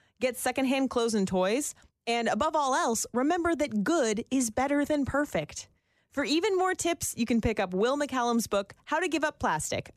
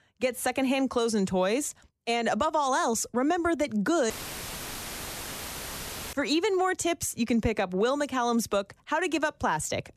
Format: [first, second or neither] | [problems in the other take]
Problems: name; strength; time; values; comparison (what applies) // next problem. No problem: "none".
first | audio cutting out; filled with static; at 4 s for 2 s